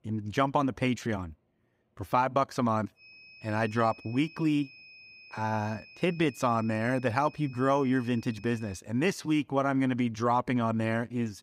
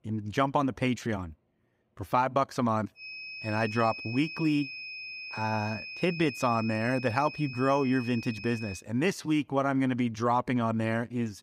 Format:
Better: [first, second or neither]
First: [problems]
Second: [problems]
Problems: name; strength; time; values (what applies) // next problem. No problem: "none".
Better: first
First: high-pitched whine; faint; from 3 to 9 s; 2.5 kHz, 20 dB below the speech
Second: high-pitched whine; loud; from 3 to 9 s; 2.5 kHz, 10 dB below the speech